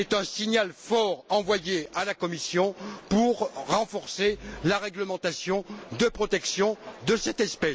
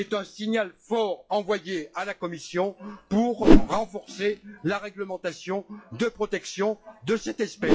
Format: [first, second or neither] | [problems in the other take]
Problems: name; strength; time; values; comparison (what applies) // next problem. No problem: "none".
first | noise reduction (classical method WPE with log-MMSE)